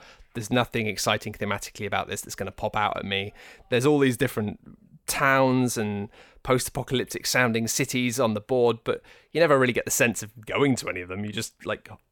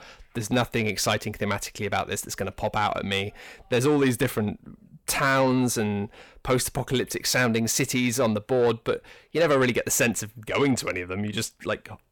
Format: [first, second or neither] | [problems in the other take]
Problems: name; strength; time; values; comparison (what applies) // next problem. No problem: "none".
first | distortion; slight; 10 dB below the speech